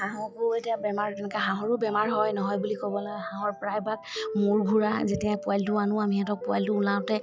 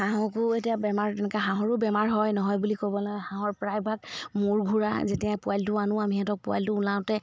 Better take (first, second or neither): second